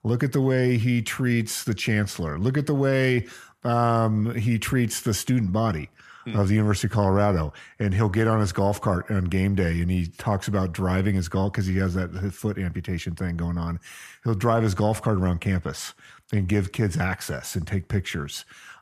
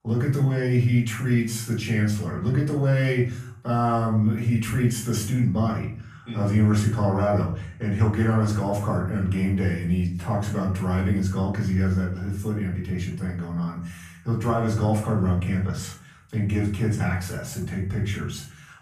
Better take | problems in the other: first | off-mic speech; far // room echo; noticeable; dies away in 0.5 s

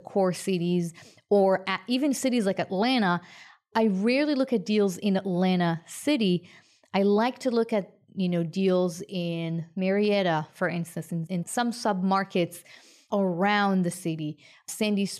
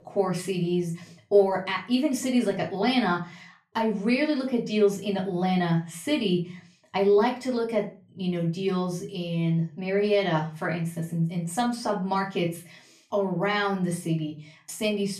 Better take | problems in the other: first | off-mic speech; far // room echo; very slight; dies away in 0.3 s

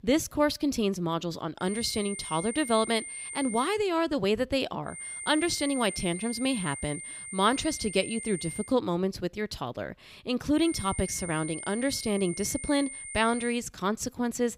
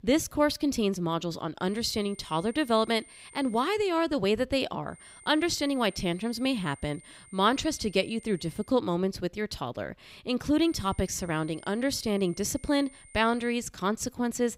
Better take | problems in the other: second | high-pitched whine; loud; from 1.5 to 3.5 s, from 5 to 8.5 s and from 11 to 14 s; 9 kHz, 8 dB below the speech; faint in the second

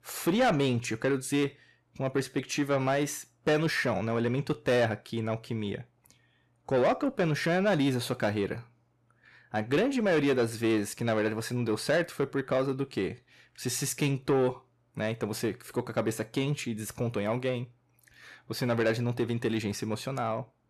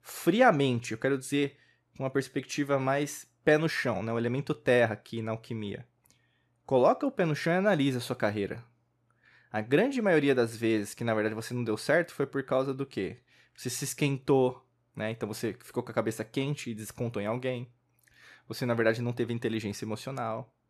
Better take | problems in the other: second | distortion; slight; 10 dB below the speech

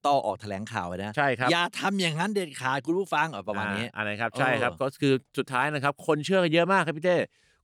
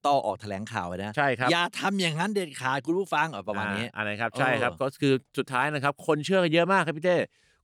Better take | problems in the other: neither | none

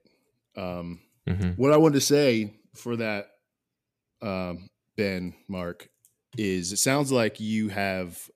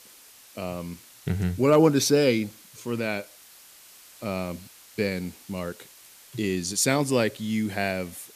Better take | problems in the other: first | hiss; faint; throughout; 20 dB below the speech

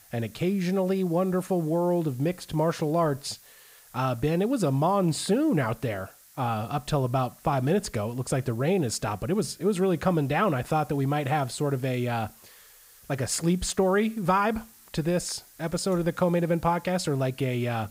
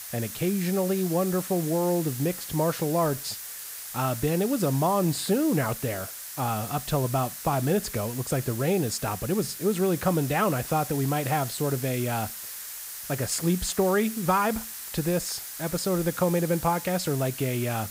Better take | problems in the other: first | hiss; loud; throughout; 8 dB below the speech; faint in the first

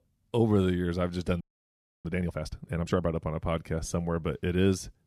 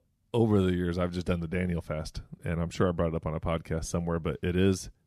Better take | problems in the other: second | audio freezing; at 1.5 s for 0.5 s

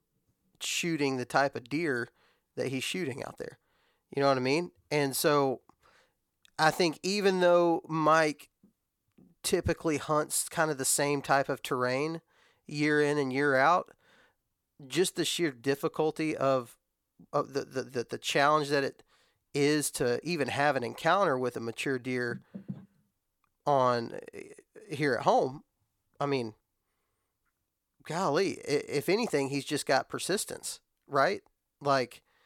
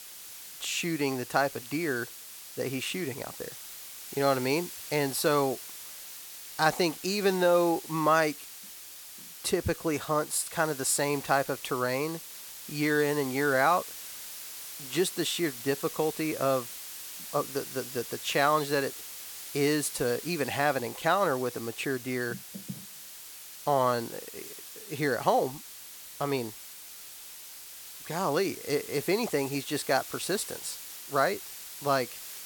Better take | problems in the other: first | hiss; noticeable; throughout; 10 dB below the speech

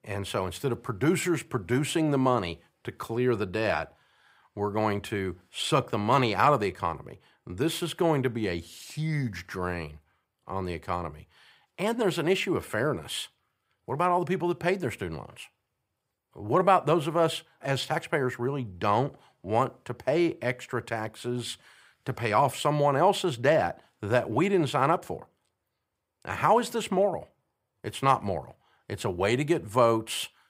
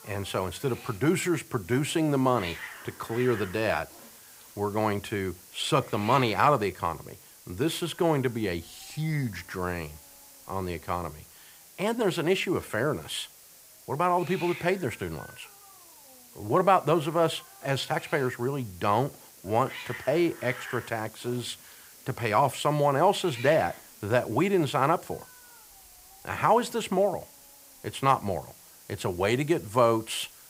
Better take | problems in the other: first | hiss; noticeable; throughout; 20 dB below the speech

